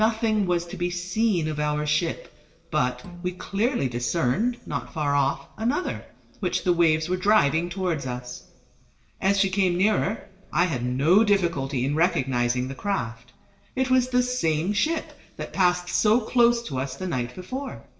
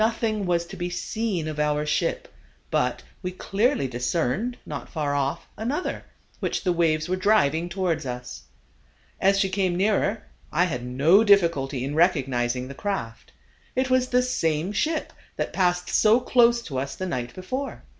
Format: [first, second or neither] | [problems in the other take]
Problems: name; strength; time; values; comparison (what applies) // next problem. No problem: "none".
second | noise reduction (neural separator model SepFormer DNS4)